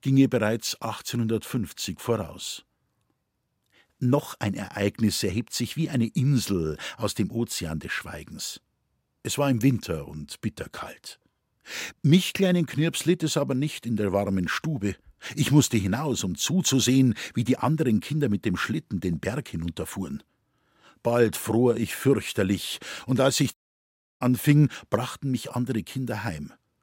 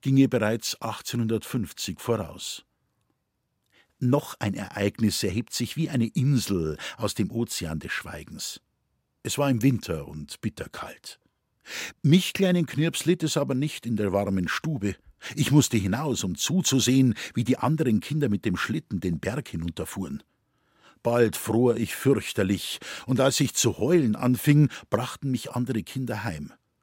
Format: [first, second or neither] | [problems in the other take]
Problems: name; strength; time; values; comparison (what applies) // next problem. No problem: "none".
second | audio cutting out; at 24 s for 0.5 s